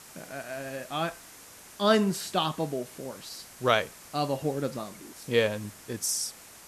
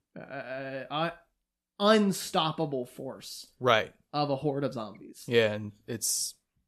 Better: second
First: hiss; noticeable; throughout; 20 dB below the speech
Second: none

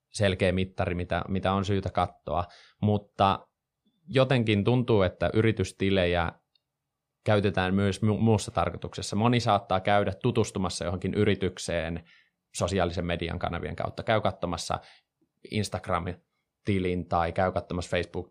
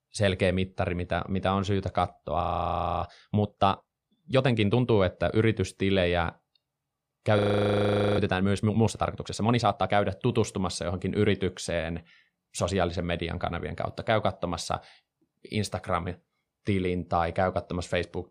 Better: first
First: none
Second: audio freezing; at 2.5 s for 0.5 s and at 7.5 s for 1 s

